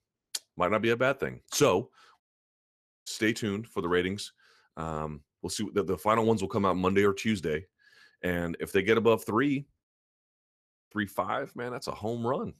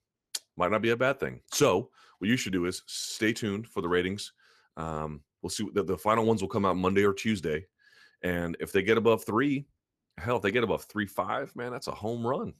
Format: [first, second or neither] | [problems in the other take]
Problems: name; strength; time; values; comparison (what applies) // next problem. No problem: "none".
second | audio cutting out; at 2 s for 1 s and at 10 s for 1 s